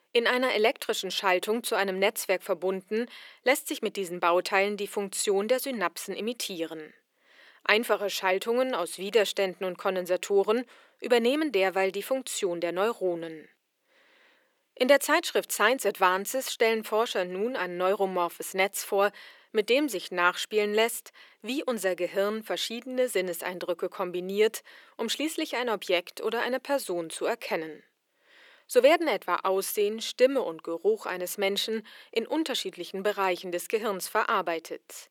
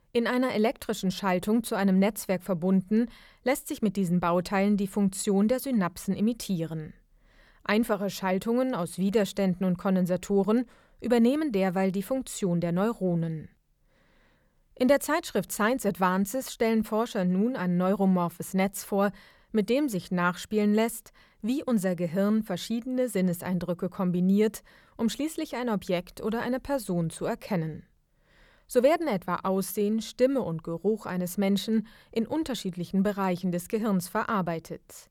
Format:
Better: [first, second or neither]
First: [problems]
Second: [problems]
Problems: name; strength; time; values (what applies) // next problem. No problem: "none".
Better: second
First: thin; somewhat; fading below 350 Hz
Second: none